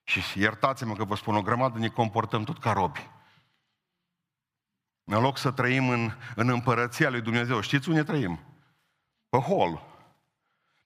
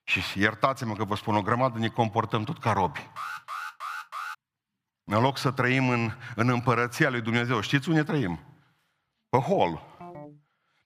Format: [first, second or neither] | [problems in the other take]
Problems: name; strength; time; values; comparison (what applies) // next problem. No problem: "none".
first | alarm; noticeable; from 3 to 4.5 s; peak 9 dB below the speech // phone ringing; faint; at 10 s; peak 20 dB below the speech